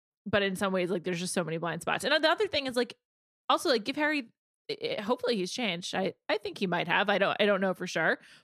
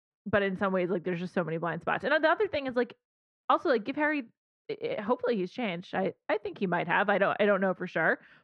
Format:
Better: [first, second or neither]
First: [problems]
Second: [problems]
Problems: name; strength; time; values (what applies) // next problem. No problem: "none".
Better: first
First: none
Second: muffled; very; fading above 1.5 kHz